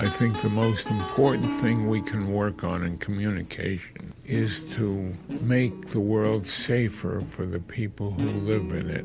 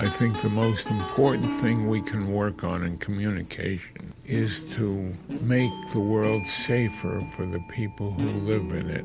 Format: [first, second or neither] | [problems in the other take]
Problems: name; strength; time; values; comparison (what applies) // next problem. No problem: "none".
first | background sound (Bell / Doorbell); 20 dB below the speech